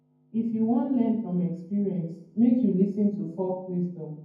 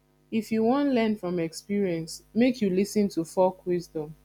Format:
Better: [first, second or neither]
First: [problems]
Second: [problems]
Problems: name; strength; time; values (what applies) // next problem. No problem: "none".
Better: second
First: room echo; dies away in 0.9 s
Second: none